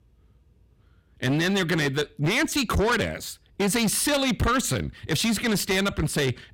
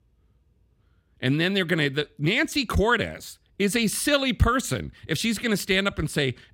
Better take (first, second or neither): second